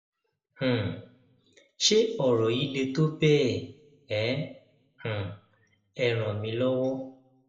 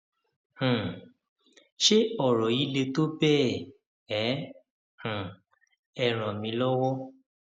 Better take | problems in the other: second | room echo; dies away in 0.5 s

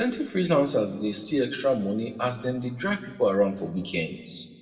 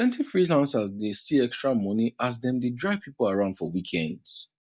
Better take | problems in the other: second | room echo; dies away in 1.2 s

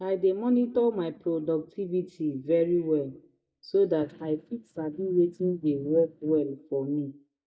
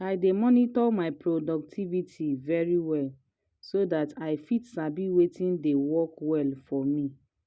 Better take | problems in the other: second | noise reduction (neural mask model DeepFilterNet 3)

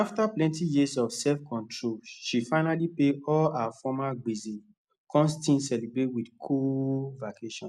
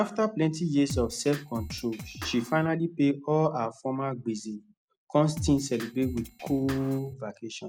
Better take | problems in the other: first | background sound (Drum kit); 10 dB below the speech

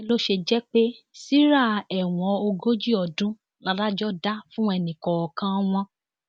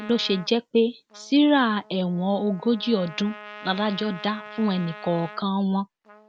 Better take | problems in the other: first | background sound (Trumpet); 19 dB below the speech

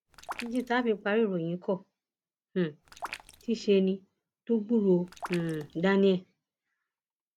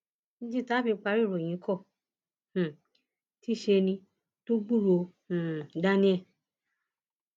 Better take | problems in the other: second | background sound (Raindrop); 16 dB below the speech

